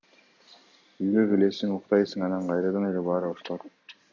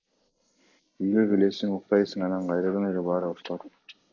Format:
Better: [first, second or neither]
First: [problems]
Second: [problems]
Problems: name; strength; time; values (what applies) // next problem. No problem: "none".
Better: first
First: none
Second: noise reduction (neural mask model Resemble Enhance denoiser)